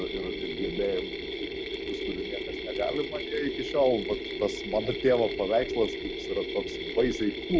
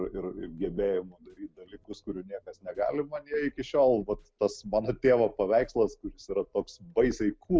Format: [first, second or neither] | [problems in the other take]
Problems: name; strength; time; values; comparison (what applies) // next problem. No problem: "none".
second | background sound (Mechanisms); 5 dB below the speech